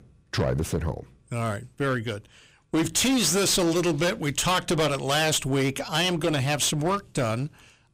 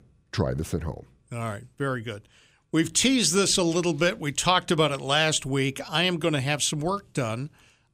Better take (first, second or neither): second